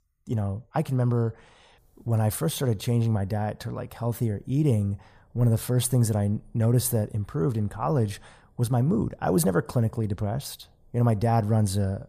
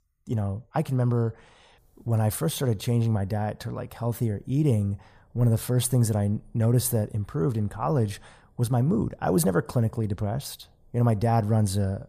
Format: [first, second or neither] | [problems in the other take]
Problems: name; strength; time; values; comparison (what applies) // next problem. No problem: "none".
neither | none